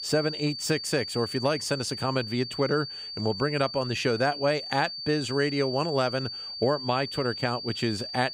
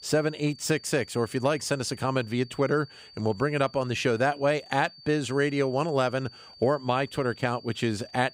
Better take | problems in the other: second | high-pitched whine; loud; throughout; 4.5 kHz, 7 dB below the speech; faint in the second

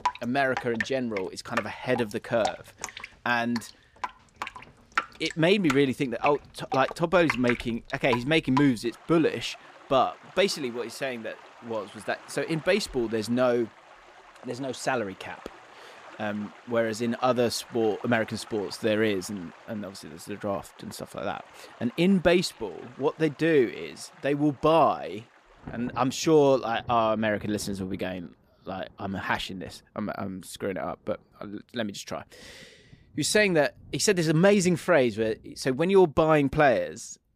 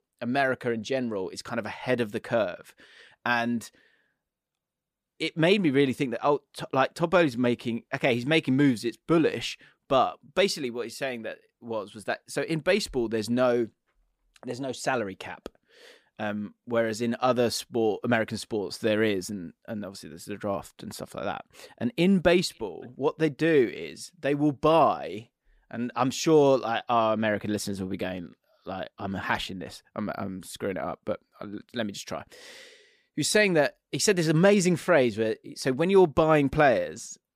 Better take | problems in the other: second | rain or running water; noticeable; throughout; 15 dB below the speech

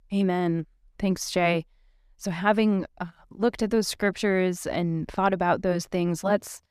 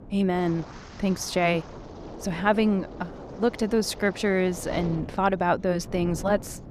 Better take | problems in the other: first | wind noise on the microphone; occasional gusts; 15 dB below the speech

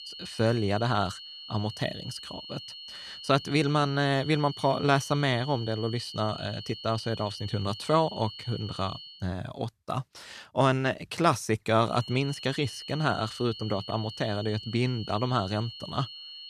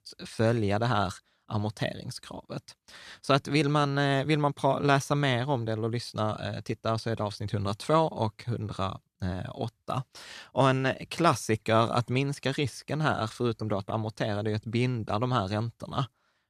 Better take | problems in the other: second | high-pitched whine; noticeable; until 9 s and from 12 s on; 4.5 kHz, 10 dB below the speech

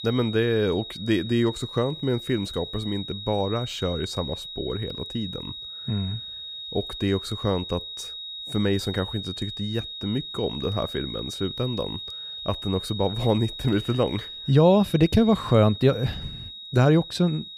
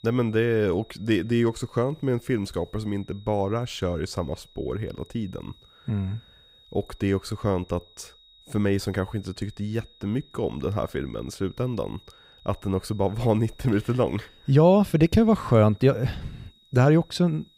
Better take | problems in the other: second | high-pitched whine; loud; throughout; 4 kHz, 9 dB below the speech; faint in the second

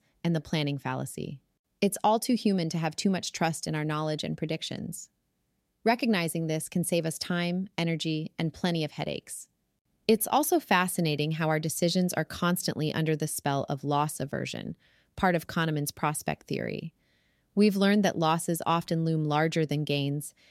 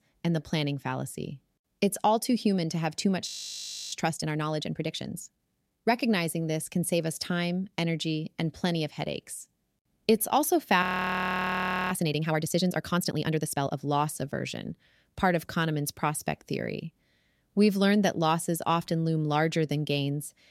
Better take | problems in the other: first | audio freezing; at 3.5 s for 0.5 s and at 11 s for 1 s

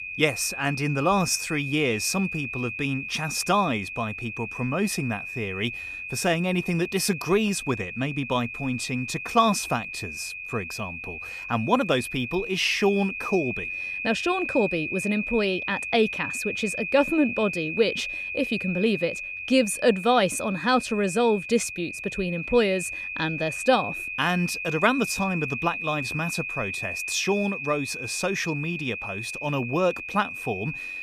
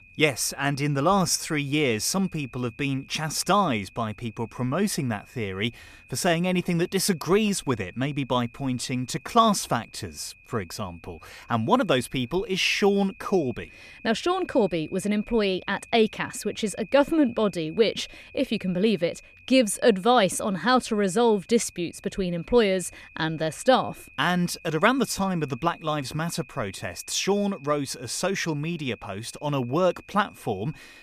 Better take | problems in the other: second | high-pitched whine; loud; throughout; 2.5 kHz, 6 dB below the speech; faint in the second

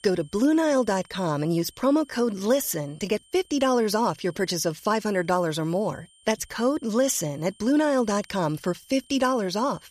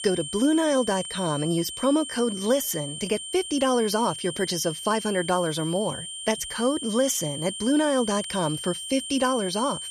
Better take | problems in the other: first | high-pitched whine; loud; throughout; 3 kHz, 7 dB below the speech; faint in the first

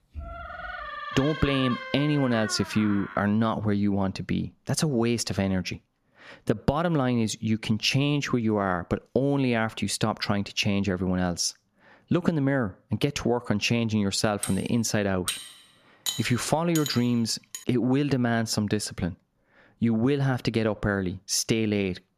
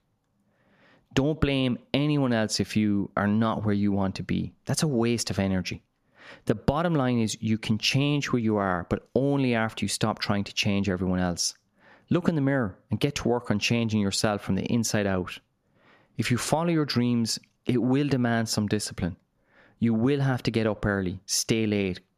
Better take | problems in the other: second | door banging; noticeable; until 3 s; peak 7 dB below the speech // clattering dishes; noticeable; from 14 to 18 s; peak 5 dB below the speech

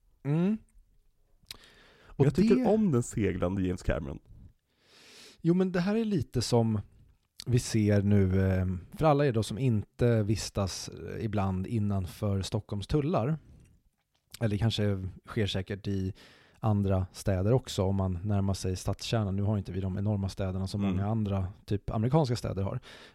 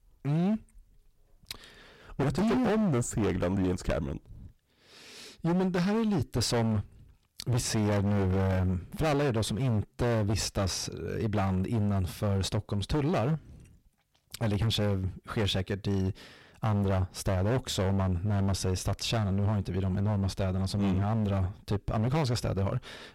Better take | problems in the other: first | distortion; heavy; 20% of the sound clipped

